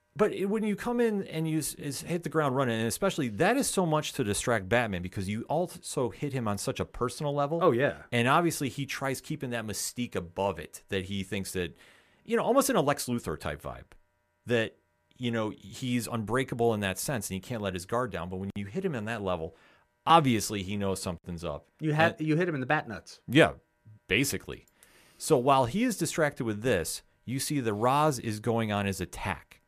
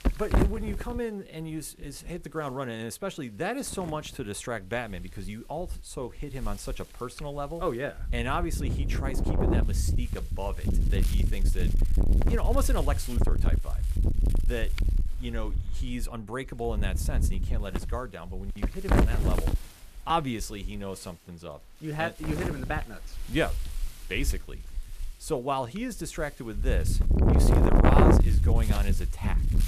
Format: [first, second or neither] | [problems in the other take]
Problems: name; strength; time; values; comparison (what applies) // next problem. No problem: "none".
first | wind noise on the microphone; heavy; as loud as the speech